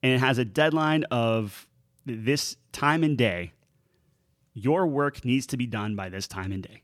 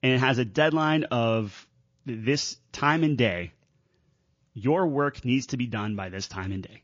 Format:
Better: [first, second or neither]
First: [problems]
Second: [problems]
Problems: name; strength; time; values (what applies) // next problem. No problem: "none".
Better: first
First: none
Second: garbled, watery; slightly; nothing above 6.5 kHz